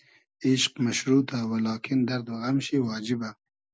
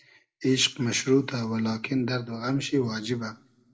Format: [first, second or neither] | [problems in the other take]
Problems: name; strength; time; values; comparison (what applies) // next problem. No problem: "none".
first | room echo; dies away in 0.4 s